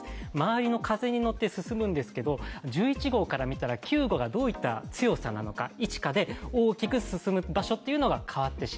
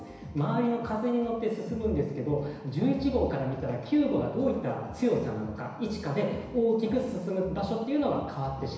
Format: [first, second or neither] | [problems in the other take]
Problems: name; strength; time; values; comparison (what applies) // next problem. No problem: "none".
first | room echo; dies away in 1 s